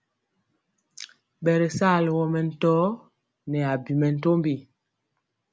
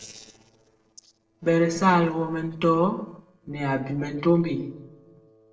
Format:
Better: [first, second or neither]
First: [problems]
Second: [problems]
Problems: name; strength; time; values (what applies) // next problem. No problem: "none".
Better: first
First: none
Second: noise reduction (neural separator model SepFormer DNS4)